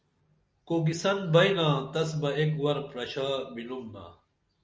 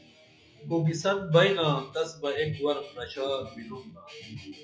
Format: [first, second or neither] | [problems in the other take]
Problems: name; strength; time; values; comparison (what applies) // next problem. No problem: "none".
first | noise reduction (classical method log-MMSE)